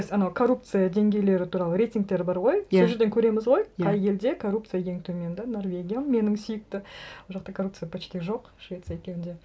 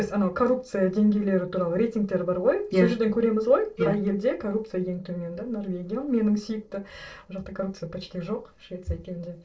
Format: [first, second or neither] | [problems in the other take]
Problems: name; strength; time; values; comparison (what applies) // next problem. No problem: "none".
first | noise reduction (neural separator model SepFormer DNS4)